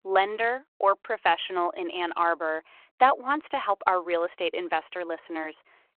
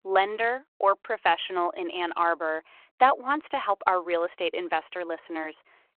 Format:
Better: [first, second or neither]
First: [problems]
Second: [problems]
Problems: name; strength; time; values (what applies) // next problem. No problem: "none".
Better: neither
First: phone-call audio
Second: phone-call audio